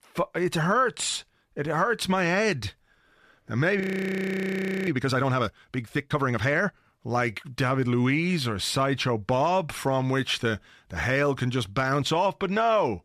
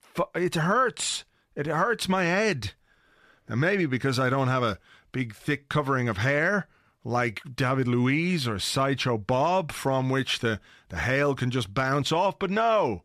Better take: second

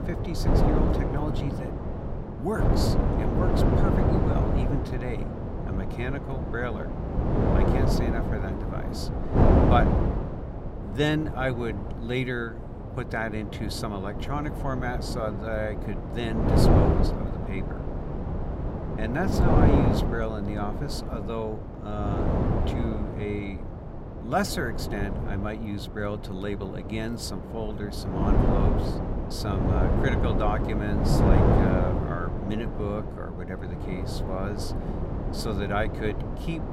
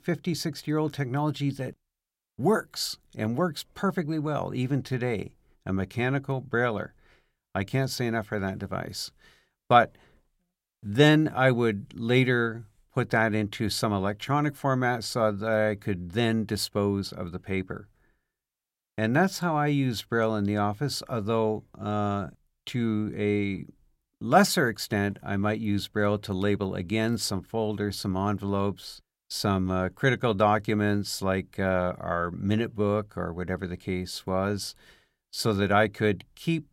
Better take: second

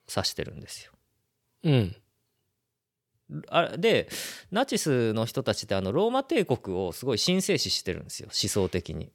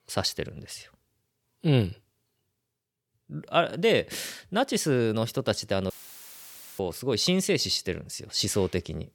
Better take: first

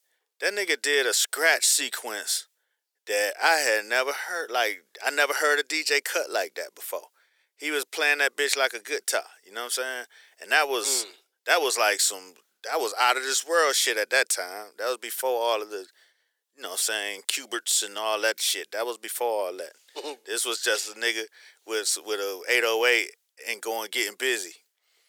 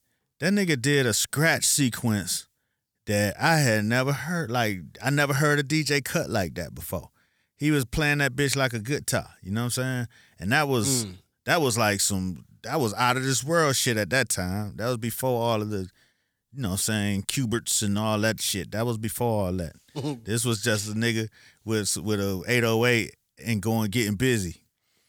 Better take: second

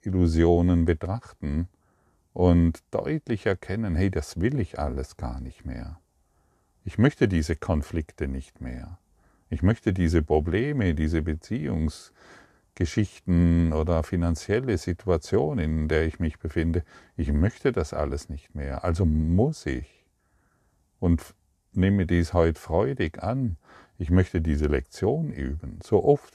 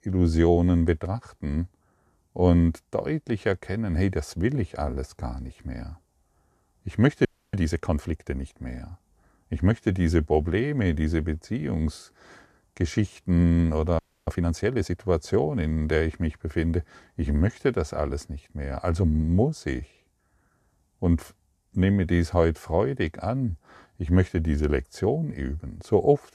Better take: first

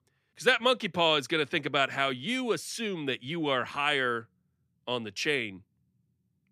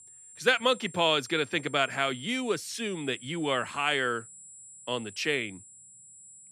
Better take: first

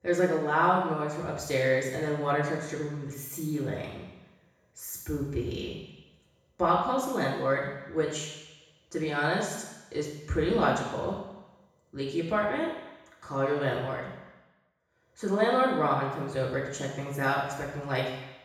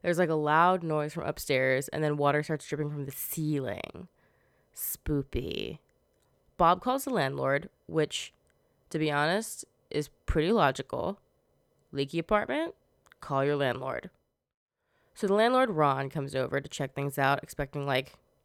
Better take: second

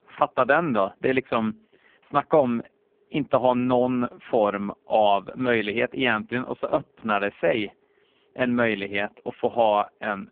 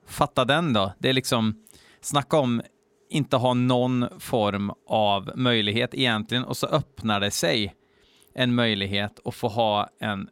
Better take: second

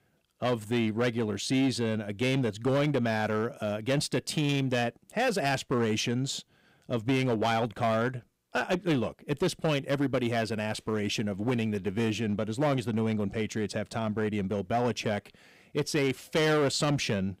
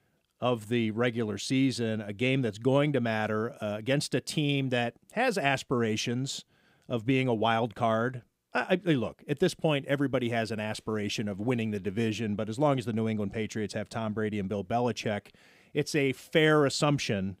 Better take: second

